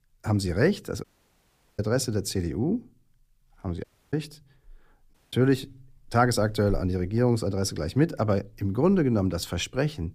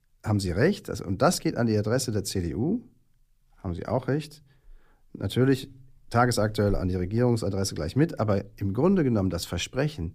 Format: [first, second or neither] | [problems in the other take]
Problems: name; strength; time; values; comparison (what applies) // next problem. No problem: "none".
second | audio cutting out; at 1 s for 0.5 s, at 4 s and at 5 s